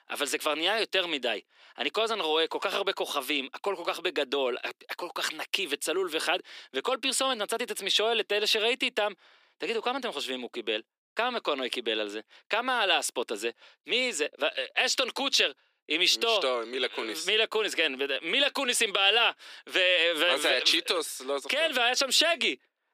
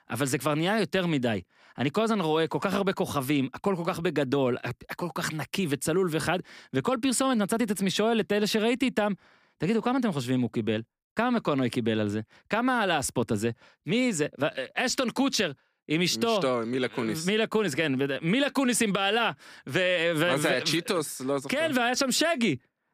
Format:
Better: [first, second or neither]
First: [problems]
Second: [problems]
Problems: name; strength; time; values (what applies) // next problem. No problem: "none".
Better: second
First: thin; somewhat; fading below 350 Hz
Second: none